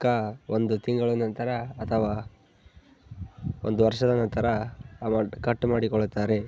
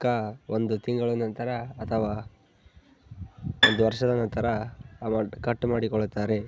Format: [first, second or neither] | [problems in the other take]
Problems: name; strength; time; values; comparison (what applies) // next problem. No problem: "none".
first | background sound (Bowed string instrument); 1 dB above the speech